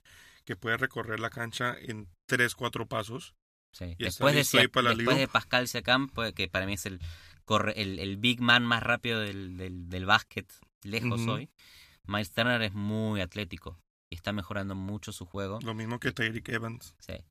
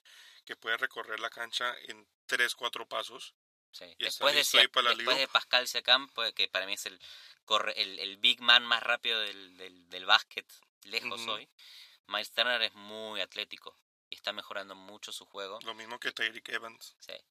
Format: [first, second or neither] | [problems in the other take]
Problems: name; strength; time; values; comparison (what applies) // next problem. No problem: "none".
first | thin; very; fading below 600 Hz